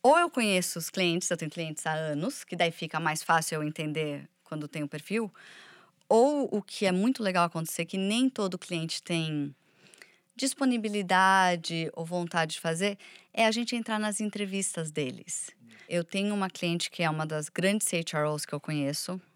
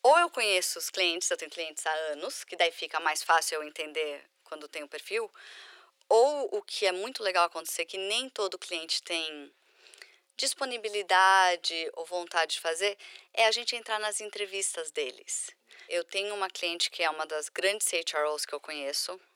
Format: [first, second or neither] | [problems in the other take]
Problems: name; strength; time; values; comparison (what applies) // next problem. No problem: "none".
first | thin; very; fading below 400 Hz